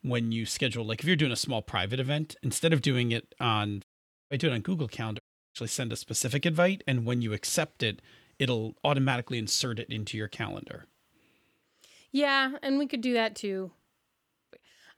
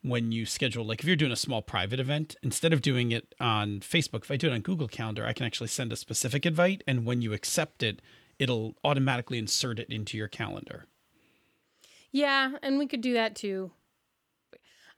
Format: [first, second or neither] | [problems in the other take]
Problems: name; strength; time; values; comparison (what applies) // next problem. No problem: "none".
second | audio cutting out; at 4 s and at 5 s